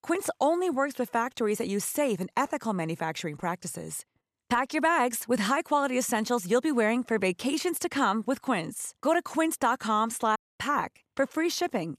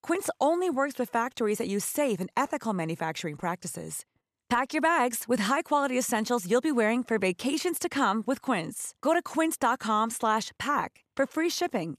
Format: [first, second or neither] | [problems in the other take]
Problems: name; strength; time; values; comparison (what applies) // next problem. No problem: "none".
second | audio cutting out; at 10 s